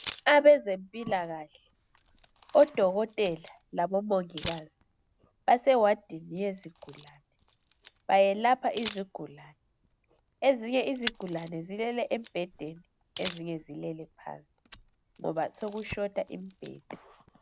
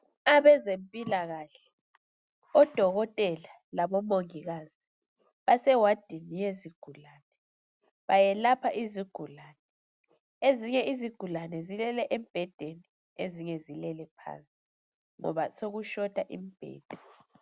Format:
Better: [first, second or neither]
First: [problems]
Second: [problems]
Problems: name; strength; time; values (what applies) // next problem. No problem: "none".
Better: second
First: background sound (Fire + Camera); 19 dB below the speech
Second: none